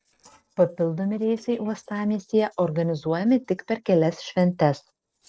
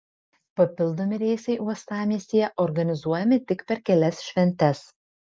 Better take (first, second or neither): second